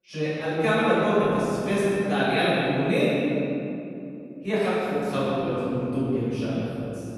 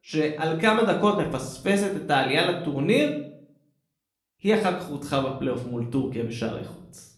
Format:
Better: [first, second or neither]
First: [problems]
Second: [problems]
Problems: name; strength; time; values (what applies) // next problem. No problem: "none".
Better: second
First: room echo; strong; dies away in 2.7 s // off-mic speech; far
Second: room echo; slight; dies away in 0.5 s // off-mic speech; somewhat distant